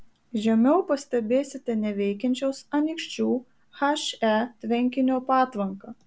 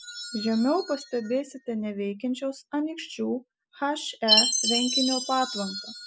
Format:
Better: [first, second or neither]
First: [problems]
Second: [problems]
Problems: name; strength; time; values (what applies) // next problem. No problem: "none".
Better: first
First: none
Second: noise reduction (classical method spectral subtraction)